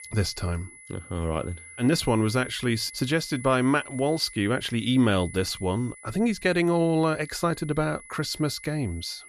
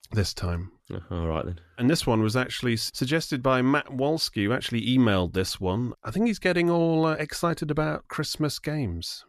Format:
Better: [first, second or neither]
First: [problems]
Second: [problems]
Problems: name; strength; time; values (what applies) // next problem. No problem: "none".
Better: second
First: high-pitched whine; noticeable; throughout; 2 kHz, 15 dB below the speech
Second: none